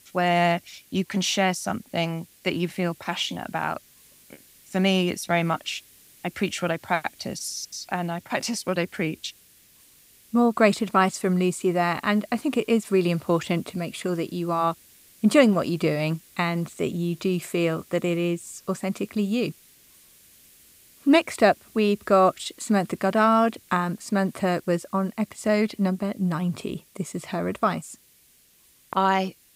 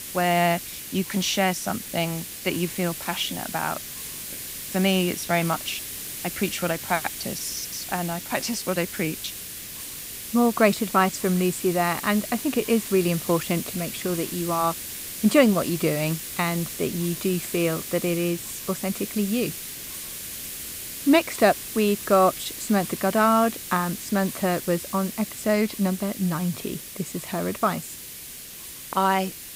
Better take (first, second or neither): first